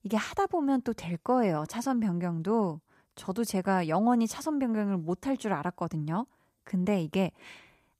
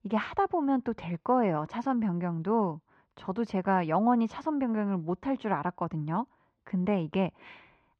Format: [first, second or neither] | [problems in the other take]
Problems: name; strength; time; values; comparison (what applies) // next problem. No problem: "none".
first | muffled; very; fading above 3 kHz